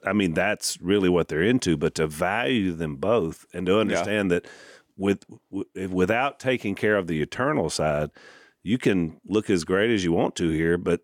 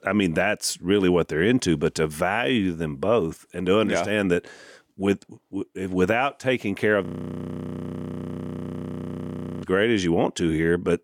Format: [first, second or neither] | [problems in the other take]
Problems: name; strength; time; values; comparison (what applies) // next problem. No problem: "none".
first | audio freezing; at 7 s for 2.5 s